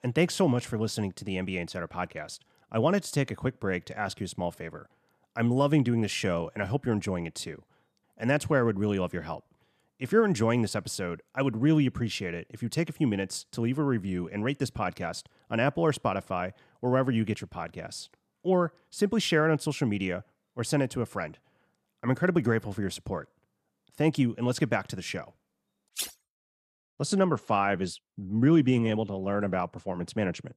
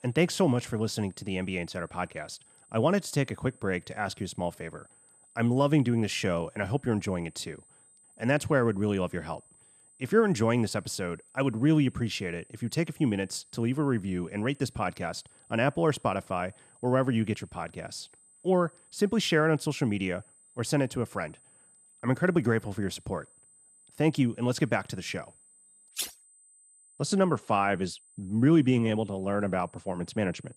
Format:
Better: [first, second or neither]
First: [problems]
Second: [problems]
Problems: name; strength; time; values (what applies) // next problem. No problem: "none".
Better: first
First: none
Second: high-pitched whine; faint; throughout; 8 kHz, 30 dB below the speech